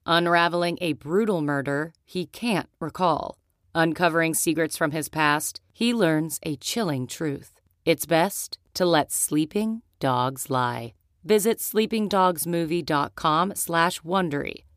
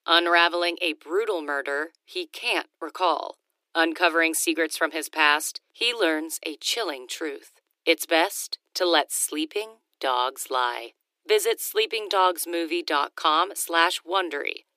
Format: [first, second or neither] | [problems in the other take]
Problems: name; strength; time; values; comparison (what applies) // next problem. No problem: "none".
first | thin; very; fading below 300 Hz